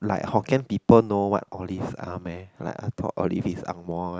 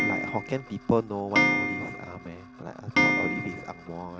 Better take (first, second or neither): first